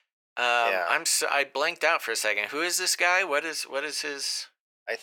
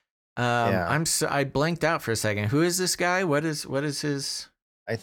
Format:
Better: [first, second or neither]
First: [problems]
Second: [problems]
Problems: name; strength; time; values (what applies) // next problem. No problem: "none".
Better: second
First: thin; very; fading below 500 Hz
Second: none